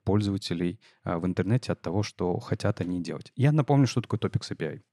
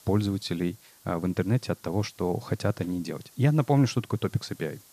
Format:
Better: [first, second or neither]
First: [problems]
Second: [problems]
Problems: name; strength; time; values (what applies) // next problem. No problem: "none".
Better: first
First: none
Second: hiss; faint; throughout; 25 dB below the speech